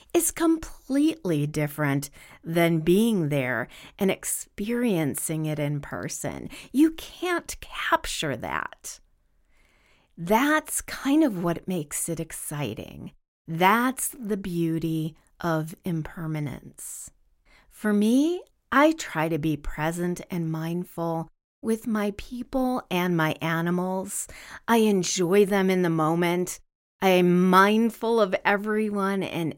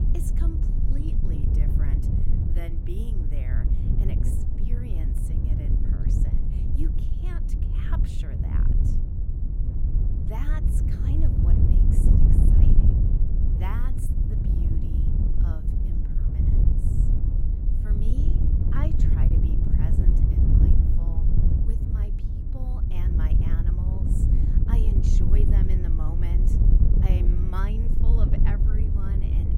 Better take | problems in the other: first | wind noise on the microphone; heavy; 4 dB above the speech

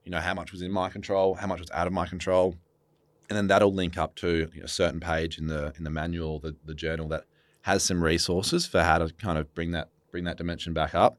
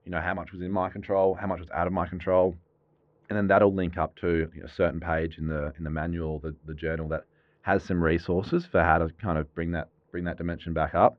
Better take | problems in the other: first | muffled; very; fading above 2 kHz

